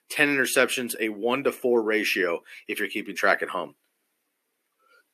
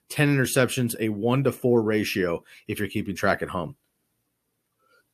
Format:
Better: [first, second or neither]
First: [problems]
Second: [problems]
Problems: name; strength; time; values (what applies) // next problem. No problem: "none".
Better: second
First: thin; somewhat; fading below 300 Hz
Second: none